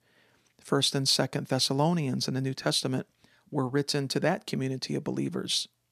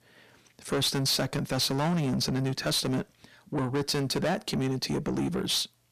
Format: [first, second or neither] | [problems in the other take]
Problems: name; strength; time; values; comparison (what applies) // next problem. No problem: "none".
first | distortion; heavy; 7 dB below the speech